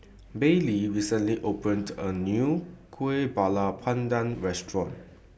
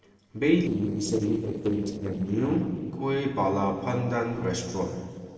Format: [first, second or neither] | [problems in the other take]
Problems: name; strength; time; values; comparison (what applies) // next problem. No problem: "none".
first | noise reduction (neural separator model SepFormer DNS4)